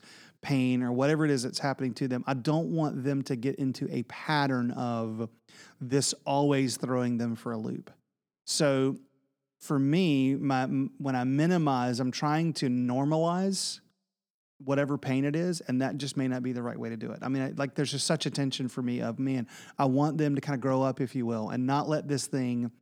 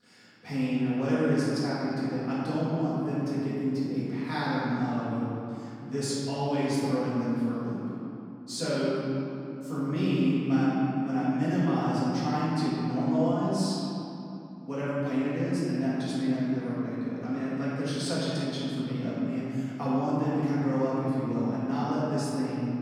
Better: first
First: none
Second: off-mic speech; far // room echo; strong; dies away in 2.9 s

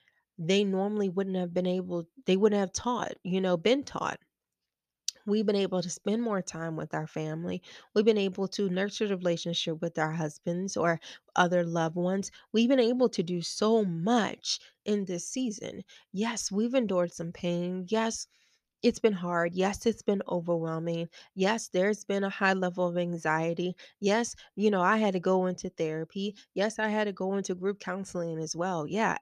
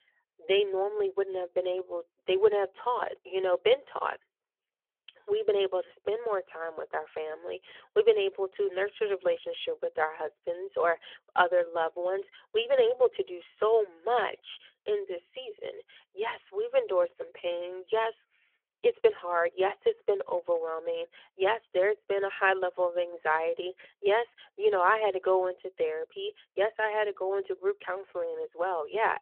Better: first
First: none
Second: phone-call audio

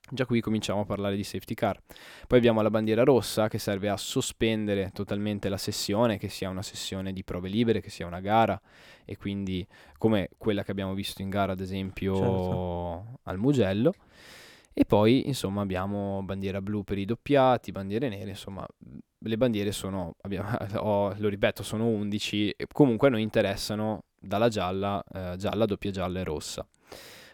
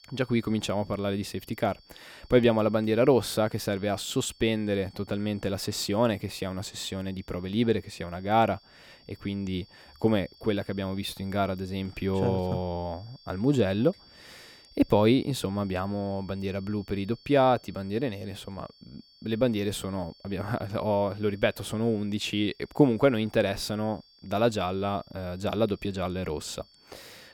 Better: first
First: none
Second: high-pitched whine; faint; throughout; 4.5 kHz, 25 dB below the speech

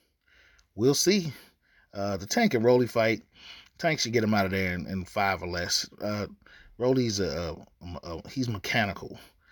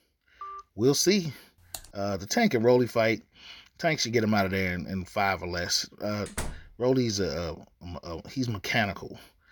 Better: first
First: none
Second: phone ringing; faint; at 0.5 s; peak 15 dB below the speech // keyboard typing; faint; at 1.5 s; peak 15 dB below the speech // door banging; noticeable; at 6.5 s; peak 10 dB below the speech

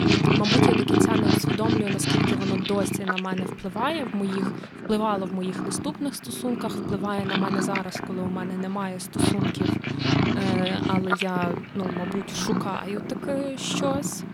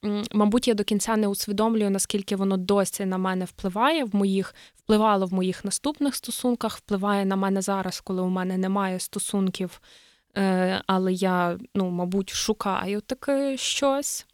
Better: second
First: animal sounds; very loud; throughout; 3 dB above the speech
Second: none

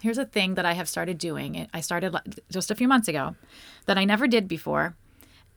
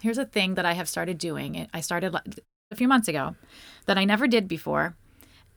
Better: first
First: none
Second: audio cutting out; at 2.5 s

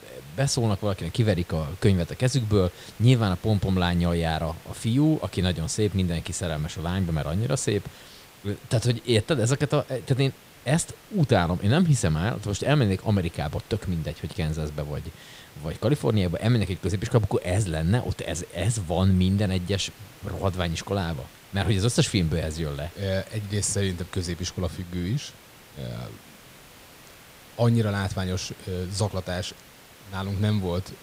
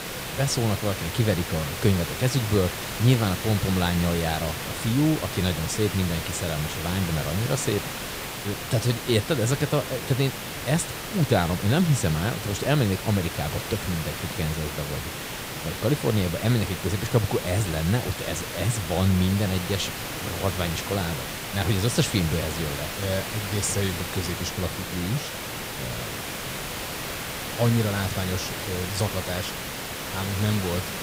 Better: first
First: hiss; faint; throughout; 20 dB below the speech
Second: hiss; loud; throughout; 5 dB below the speech

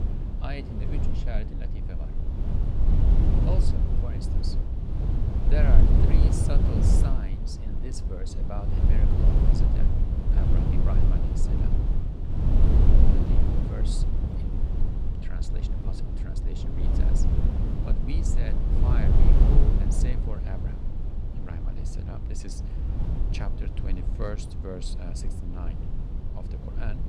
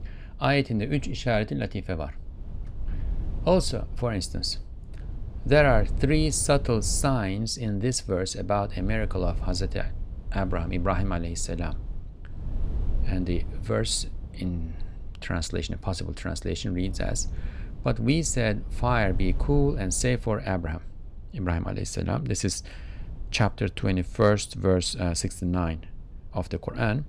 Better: second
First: wind noise on the microphone; heavy; 2 dB above the speech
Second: wind noise on the microphone; occasional gusts; 25 dB below the speech

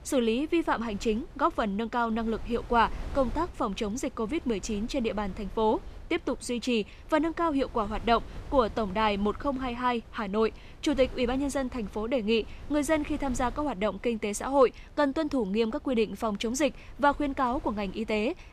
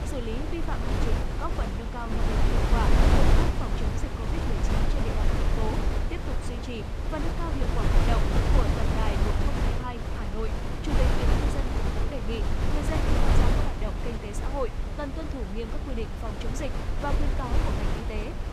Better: first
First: wind noise on the microphone; occasional gusts; 25 dB below the speech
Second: wind noise on the microphone; heavy; 3 dB above the speech

